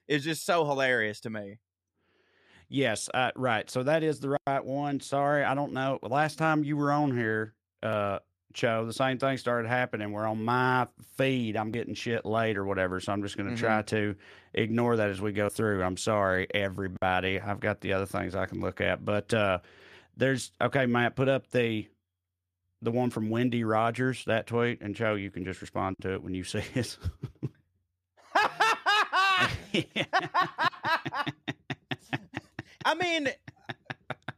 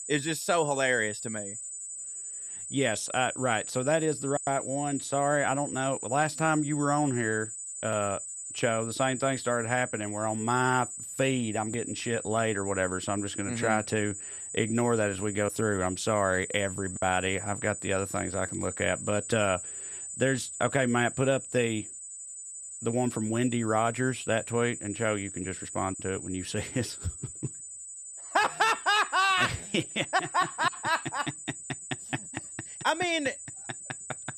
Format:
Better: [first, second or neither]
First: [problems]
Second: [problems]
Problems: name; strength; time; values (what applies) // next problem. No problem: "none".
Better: first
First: none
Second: high-pitched whine; loud; throughout; 8 kHz, 8 dB below the speech